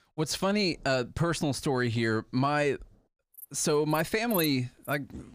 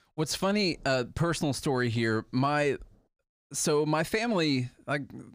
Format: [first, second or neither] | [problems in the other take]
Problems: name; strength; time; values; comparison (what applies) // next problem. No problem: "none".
second | animal sounds; noticeable; from 3.5 s on; 10 dB below the speech